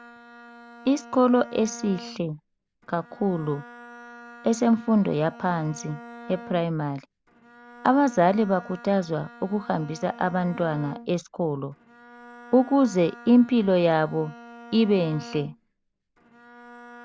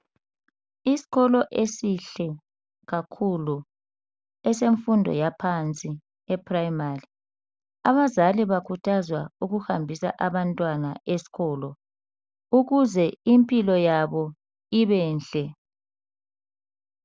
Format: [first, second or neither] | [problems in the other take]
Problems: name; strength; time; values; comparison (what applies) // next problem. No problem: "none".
second | background sound (Bowed string instrument); 19 dB below the speech